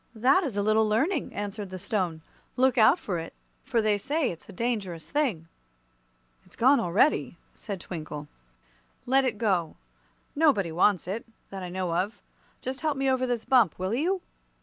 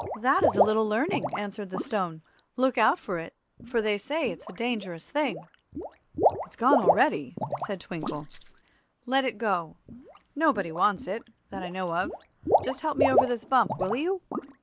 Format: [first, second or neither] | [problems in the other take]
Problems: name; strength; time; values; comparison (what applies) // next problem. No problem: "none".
first | noise reduction (neural mask model Resemble Enhance denoiser)